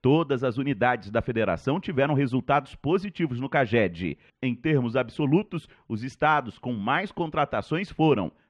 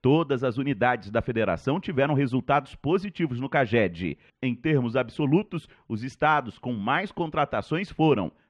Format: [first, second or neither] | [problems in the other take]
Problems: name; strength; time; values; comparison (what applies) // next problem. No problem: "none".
neither | muffled; slightly; fading above 2.5 kHz; the same in both